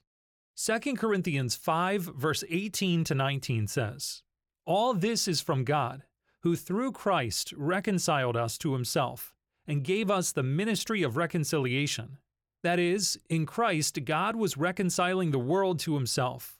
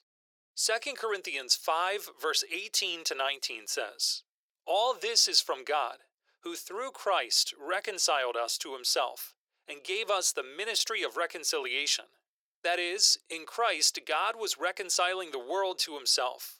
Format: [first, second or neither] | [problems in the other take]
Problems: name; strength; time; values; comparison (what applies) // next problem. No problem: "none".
first | thin; very; fading below 450 Hz